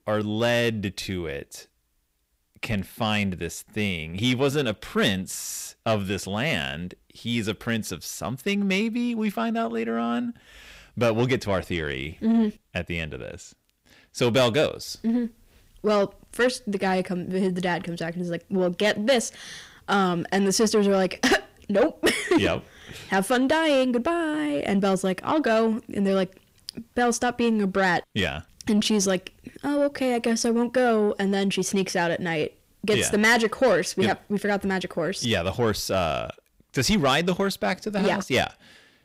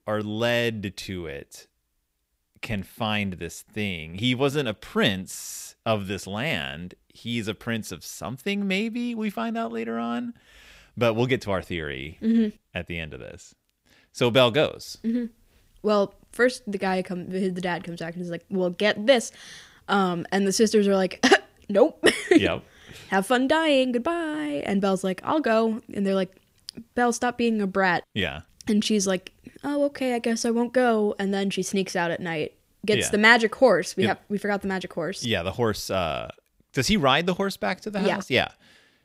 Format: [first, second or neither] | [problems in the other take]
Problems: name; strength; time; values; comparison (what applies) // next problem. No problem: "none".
second | distortion; slight; 10 dB below the speech